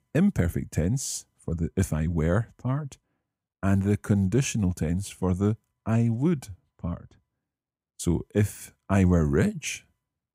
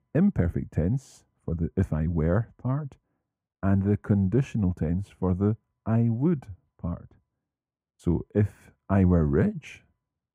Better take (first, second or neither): first